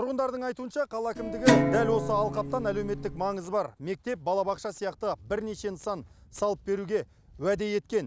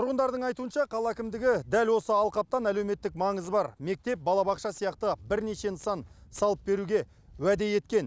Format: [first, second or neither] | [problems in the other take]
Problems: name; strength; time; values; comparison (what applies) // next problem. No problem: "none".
second | background sound (Guitar); 2 dB above the speech